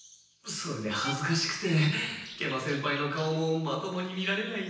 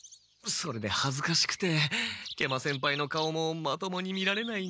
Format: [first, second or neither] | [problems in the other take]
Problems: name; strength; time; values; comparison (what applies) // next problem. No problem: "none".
second | background sound (Bowed string instrument); 17 dB below the speech // room echo; dies away in 0.9 s